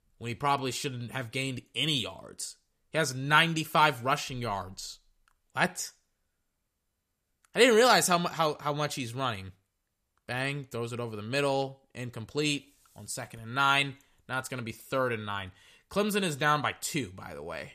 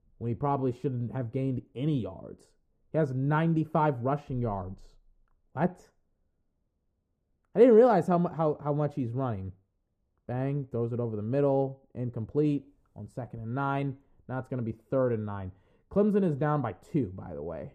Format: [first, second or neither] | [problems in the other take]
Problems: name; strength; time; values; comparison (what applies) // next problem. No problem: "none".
first | muffled; very; fading above 1.5 kHz